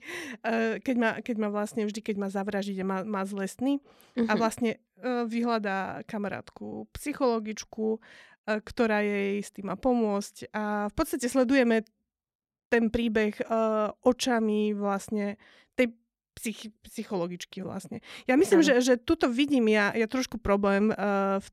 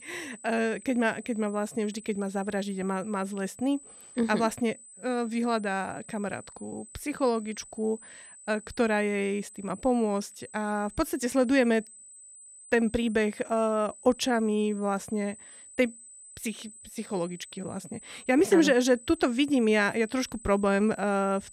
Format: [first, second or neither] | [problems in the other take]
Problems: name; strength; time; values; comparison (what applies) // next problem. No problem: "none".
first | high-pitched whine; noticeable; throughout; 8 kHz, 20 dB below the speech